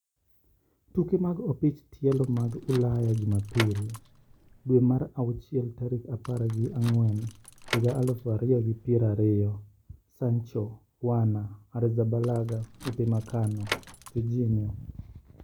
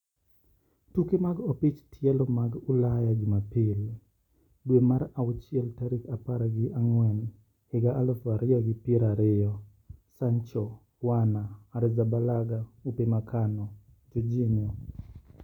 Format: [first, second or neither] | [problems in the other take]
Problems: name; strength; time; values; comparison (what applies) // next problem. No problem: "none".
second | background sound (Door / Car); 14 dB below the speech